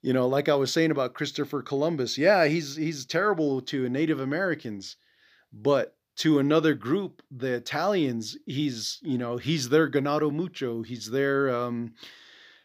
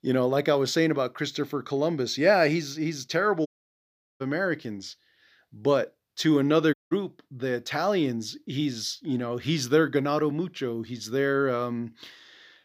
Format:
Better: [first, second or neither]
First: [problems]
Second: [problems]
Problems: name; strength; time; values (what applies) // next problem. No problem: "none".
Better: first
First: none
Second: audio cutting out; at 3.5 s for 0.5 s and at 6.5 s